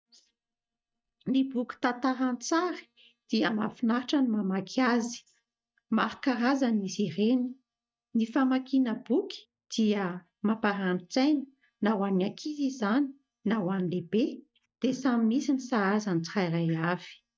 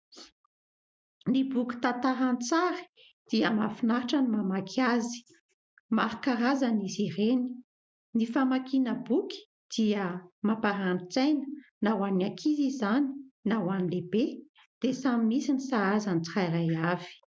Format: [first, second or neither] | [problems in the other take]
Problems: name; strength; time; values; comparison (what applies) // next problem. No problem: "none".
second | noise reduction (neural mask model DeepFilterNet 3)